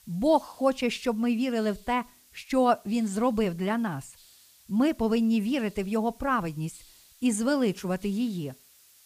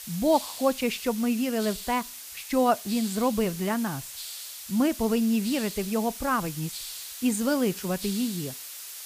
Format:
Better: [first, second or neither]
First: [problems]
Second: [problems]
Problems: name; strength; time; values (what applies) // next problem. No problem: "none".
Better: first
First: hiss; faint; throughout; 25 dB below the speech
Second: hiss; loud; throughout; 10 dB below the speech